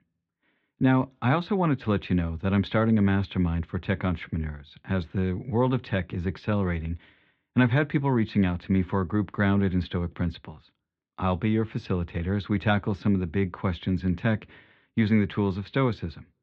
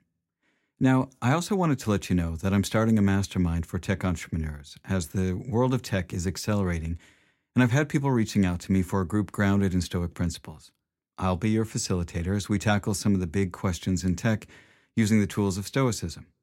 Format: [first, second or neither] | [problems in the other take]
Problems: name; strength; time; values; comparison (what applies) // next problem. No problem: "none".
second | muffled; very; fading above 3.5 kHz